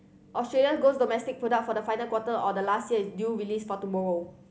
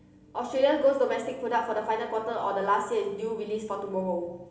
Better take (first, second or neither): first